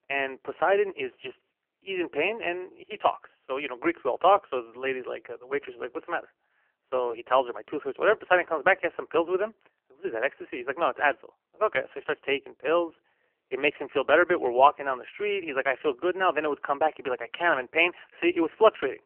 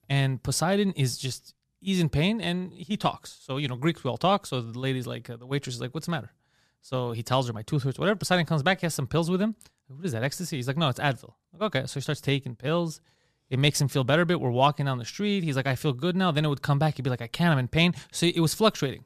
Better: second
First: phone-call audio; poor line; nothing above 3 kHz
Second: none

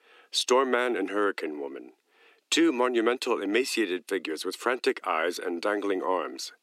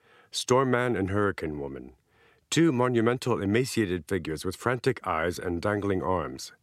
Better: second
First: thin; somewhat; fading below 250 Hz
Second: none

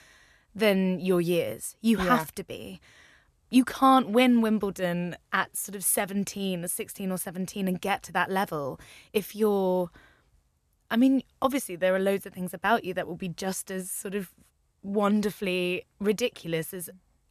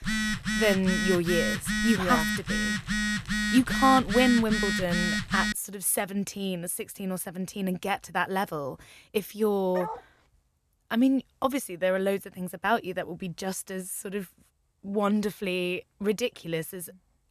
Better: first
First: none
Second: phone ringing; loud; until 5.5 s; peak 1 dB above the speech // dog barking; noticeable; at 10 s; peak 9 dB below the speech

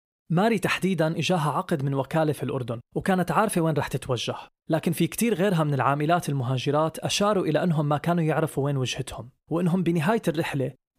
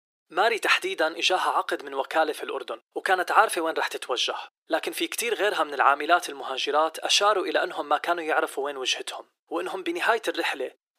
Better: first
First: none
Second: thin; very; fading below 350 Hz

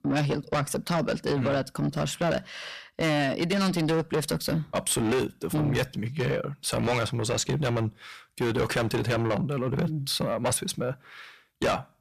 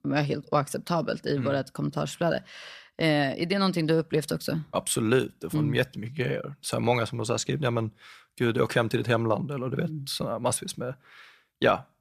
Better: second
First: distortion; heavy; 6 dB below the speech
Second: none

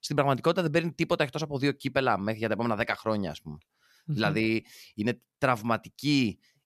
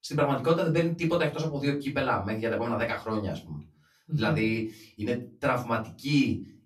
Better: first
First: none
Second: off-mic speech; far // room echo; very slight; dies away in 0.3 s

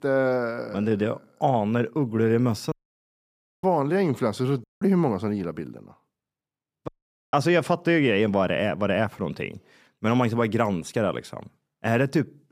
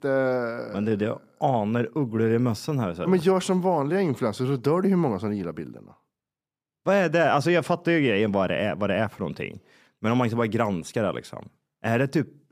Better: second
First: audio cutting out; at 2.5 s for 1 s, at 4.5 s and at 7 s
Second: none

